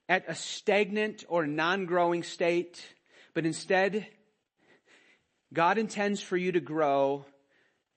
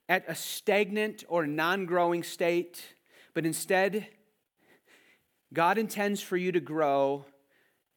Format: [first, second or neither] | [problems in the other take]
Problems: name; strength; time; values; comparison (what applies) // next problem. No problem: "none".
second | garbled, watery; slightly; nothing above 8 kHz